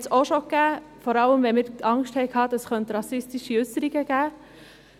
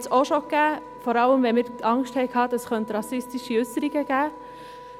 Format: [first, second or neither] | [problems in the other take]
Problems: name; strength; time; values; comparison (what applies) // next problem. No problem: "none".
first | background sound (Wind instrument, woodwind instrument); 17 dB below the speech